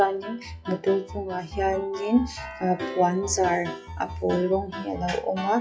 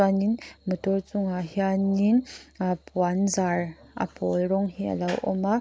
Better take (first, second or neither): second